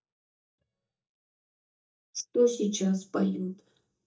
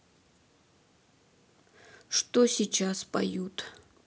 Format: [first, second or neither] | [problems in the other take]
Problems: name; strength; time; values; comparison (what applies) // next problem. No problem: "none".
second | noise reduction (neural mask model DeepFilterNet 3)